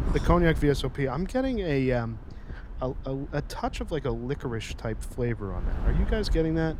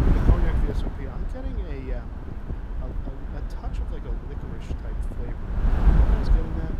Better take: first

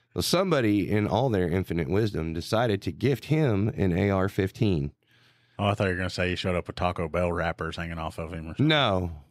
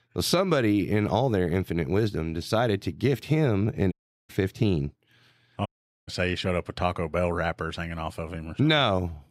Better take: first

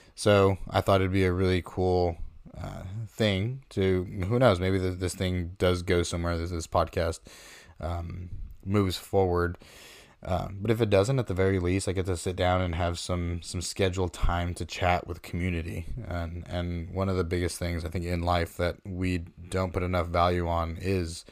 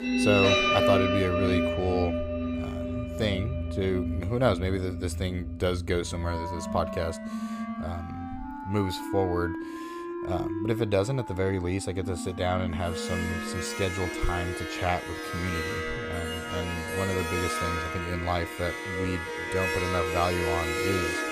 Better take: first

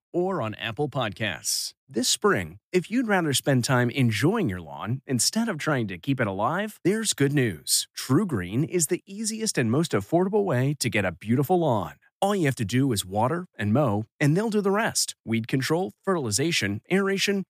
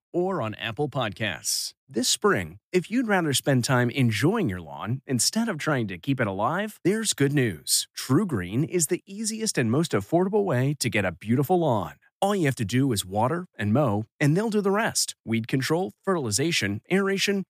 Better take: neither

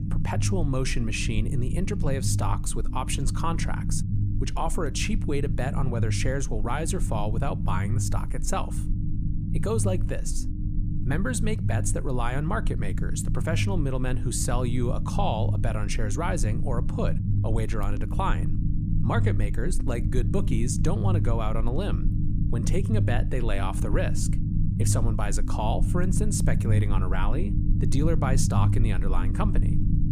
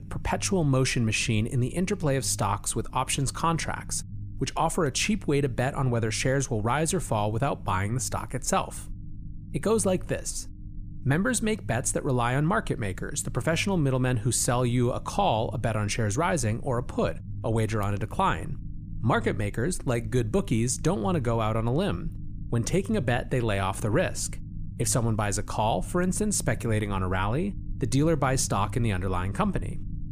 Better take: second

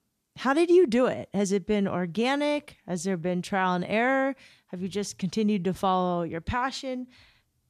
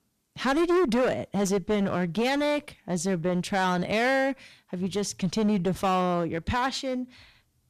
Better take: first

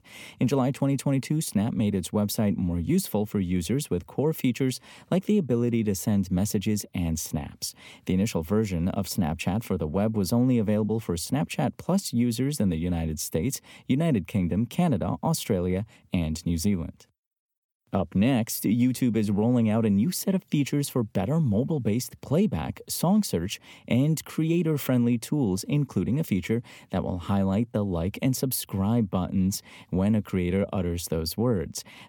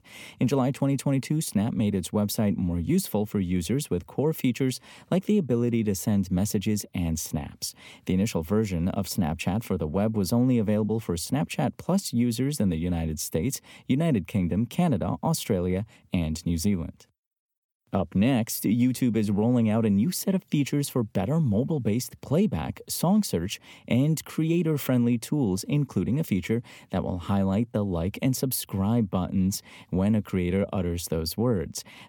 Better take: neither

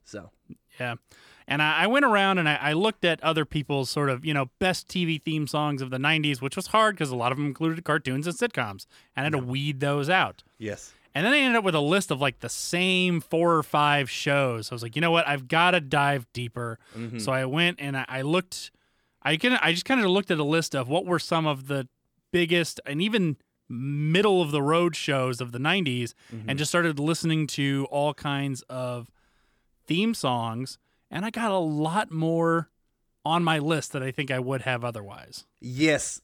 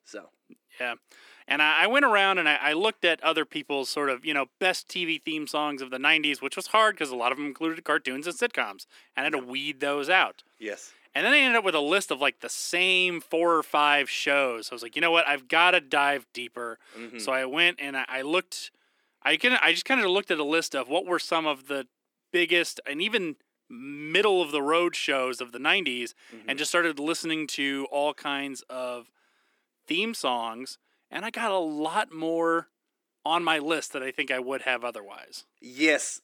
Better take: first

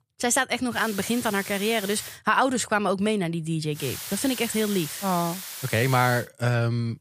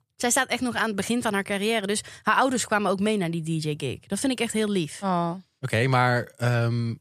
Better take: second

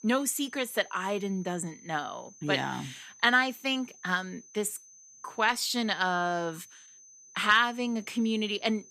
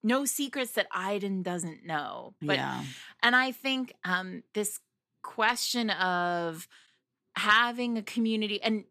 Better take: second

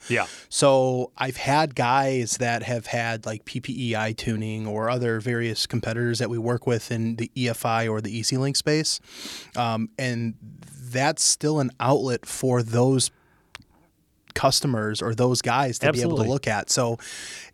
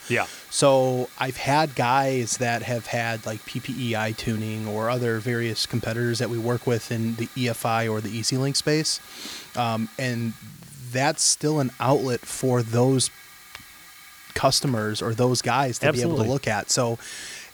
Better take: first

